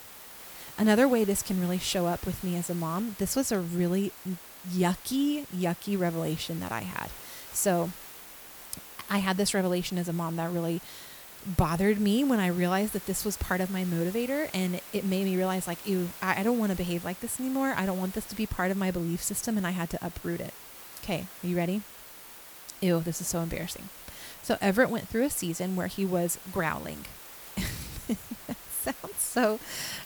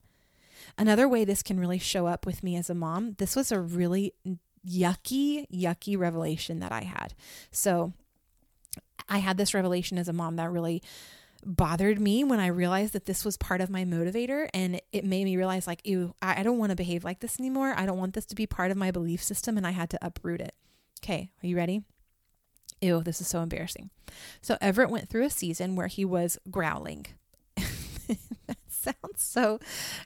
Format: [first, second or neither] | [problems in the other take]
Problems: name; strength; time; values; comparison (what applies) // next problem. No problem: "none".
second | hiss; noticeable; throughout; 15 dB below the speech